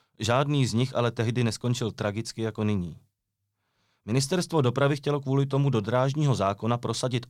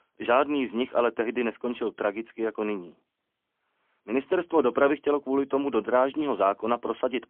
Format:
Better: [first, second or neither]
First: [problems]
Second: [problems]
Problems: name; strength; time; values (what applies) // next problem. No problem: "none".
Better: first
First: none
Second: phone-call audio; poor line; nothing above 3 kHz